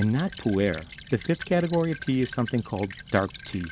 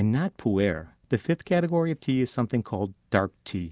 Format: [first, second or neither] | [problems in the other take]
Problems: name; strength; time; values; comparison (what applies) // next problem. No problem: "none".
second | background sound (Stream / Trickle, dribble); 16 dB below the speech